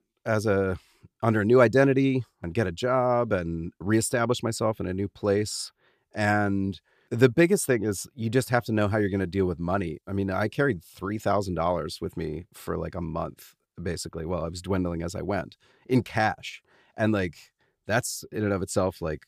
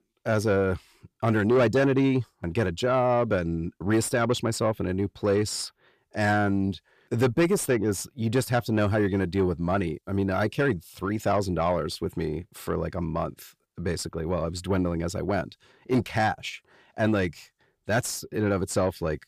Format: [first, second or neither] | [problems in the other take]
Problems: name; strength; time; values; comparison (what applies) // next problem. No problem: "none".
first | distortion; slight; 10 dB below the speech